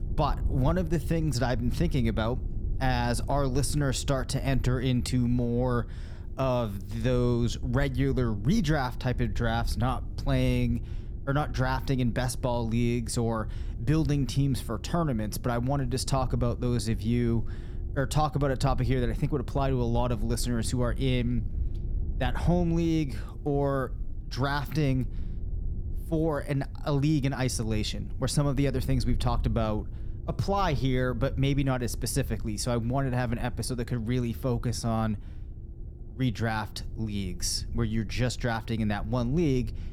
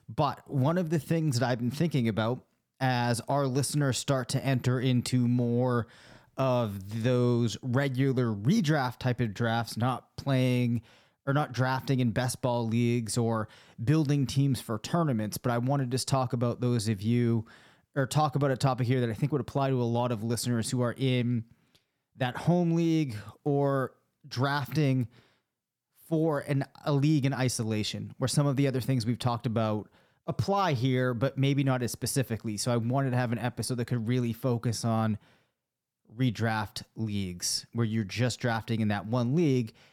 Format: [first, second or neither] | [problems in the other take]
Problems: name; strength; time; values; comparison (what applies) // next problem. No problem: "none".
second | low rumble; faint; throughout; 20 dB below the speech